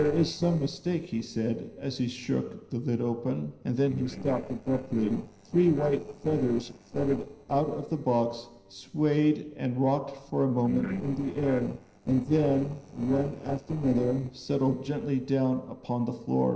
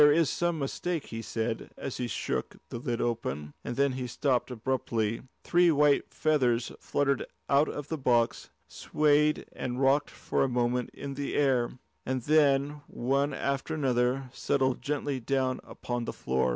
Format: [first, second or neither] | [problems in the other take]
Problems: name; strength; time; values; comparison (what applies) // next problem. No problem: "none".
second | noise reduction (neural separator model SepFormer DNS4)